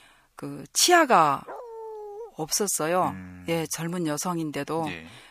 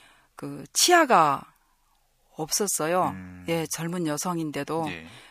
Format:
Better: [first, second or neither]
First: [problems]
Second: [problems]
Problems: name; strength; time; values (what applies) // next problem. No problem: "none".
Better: second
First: dog barking; faint; at 1.5 s; peak 15 dB below the speech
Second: none